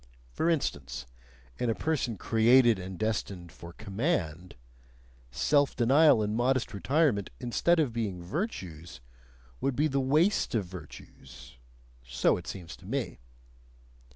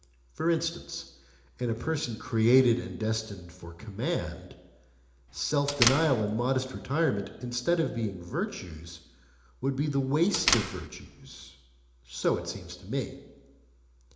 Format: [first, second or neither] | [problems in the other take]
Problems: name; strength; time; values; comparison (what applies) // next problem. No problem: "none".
first | background sound (Door); 3 dB below the speech // room echo; dies away in 0.8 s